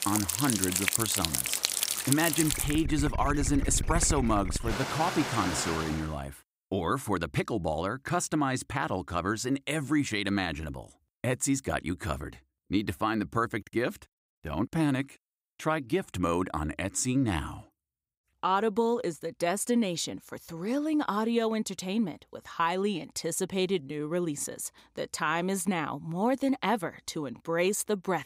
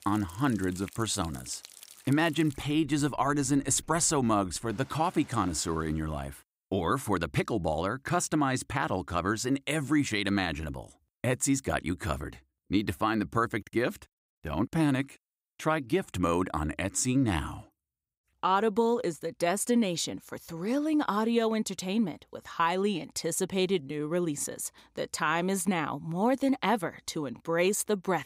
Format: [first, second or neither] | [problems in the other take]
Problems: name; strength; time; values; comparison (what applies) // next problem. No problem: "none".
second | rain or running water; loud; until 6 s; as loud as the speech; faint in the second